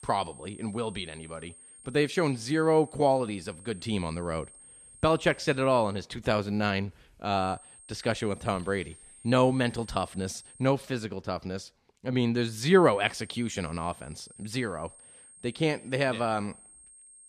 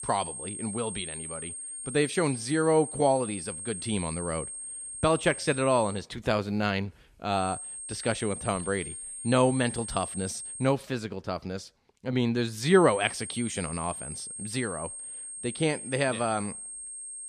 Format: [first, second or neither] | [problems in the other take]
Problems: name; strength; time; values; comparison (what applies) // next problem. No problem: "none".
first | high-pitched whine; loud; until 6 s, from 7.5 to 11 s and from 13 s on; 8.5 kHz, 8 dB below the speech; faint in the first